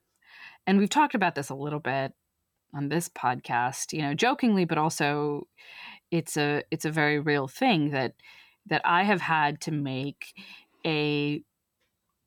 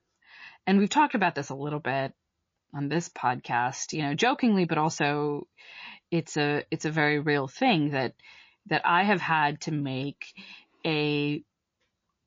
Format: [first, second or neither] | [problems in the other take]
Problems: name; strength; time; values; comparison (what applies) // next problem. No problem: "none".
first | garbled, watery; slightly; nothing above 6.5 kHz